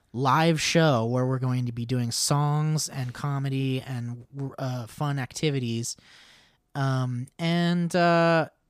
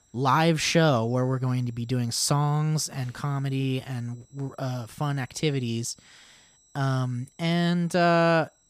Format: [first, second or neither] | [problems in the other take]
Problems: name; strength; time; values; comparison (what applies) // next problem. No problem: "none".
first | high-pitched whine; faint; throughout; 7.5 kHz, 35 dB below the speech